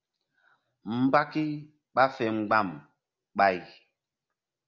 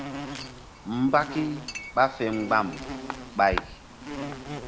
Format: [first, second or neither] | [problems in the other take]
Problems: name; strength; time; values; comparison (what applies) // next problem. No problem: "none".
first | background sound (Chink, clink + Insect); 9 dB below the speech